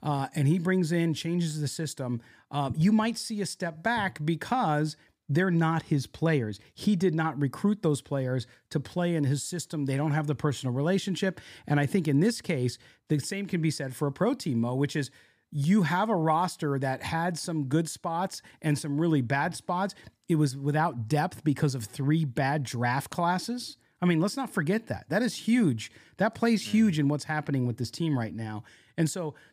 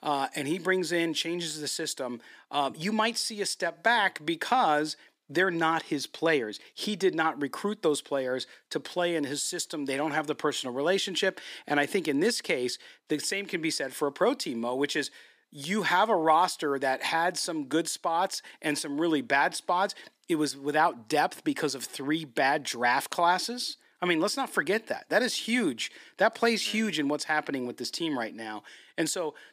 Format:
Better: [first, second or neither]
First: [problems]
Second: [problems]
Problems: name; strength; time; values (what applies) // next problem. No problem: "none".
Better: first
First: none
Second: thin; somewhat; fading below 350 Hz